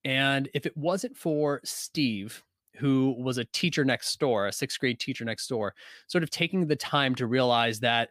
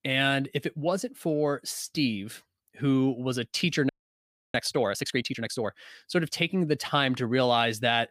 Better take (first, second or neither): first